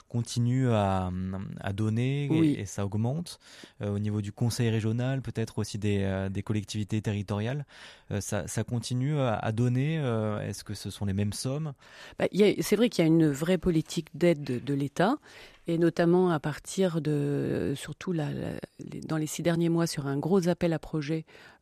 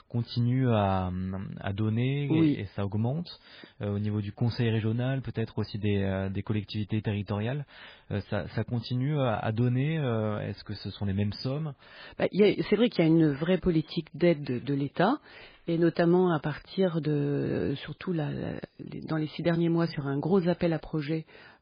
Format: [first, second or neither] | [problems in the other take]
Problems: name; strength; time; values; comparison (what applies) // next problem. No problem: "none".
first | garbled, watery; badly; nothing above 5 kHz